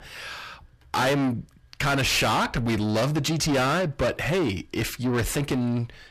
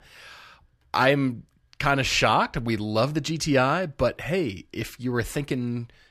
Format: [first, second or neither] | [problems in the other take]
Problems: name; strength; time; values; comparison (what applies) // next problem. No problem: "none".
second | distortion; heavy; 6 dB below the speech